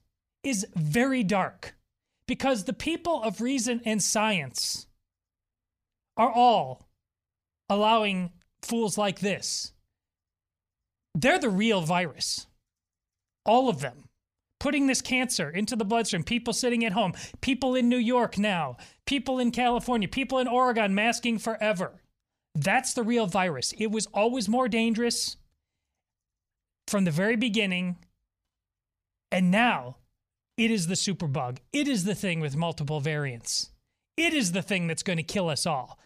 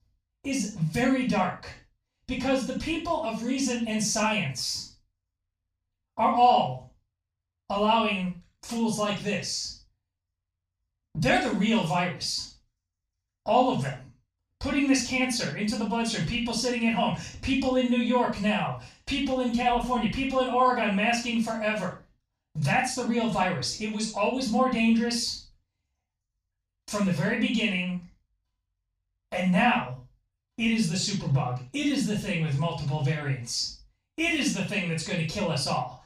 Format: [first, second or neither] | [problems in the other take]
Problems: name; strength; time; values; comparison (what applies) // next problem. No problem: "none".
first | room echo; noticeable; dies away in 0.3 s // off-mic speech; far